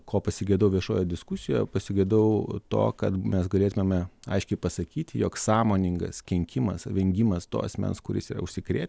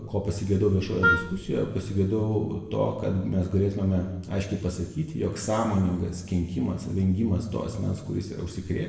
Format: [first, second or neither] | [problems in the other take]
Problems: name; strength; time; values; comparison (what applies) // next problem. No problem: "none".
first | background sound (Wind instrument, woodwind instrument); 1 dB below the speech // room echo; dies away in 1.1 s